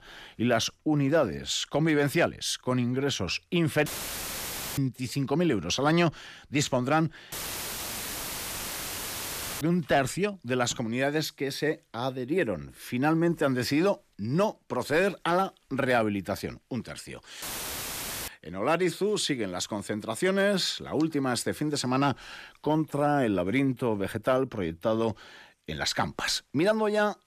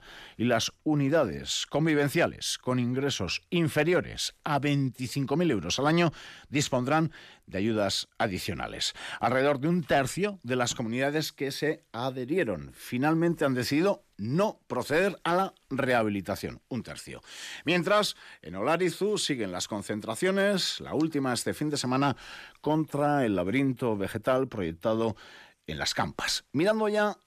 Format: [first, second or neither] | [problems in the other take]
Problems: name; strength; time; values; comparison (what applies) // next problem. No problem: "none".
second | audio cutting out; filled with static; at 4 s for 1 s, at 7.5 s for 2.5 s and at 17 s for 1 s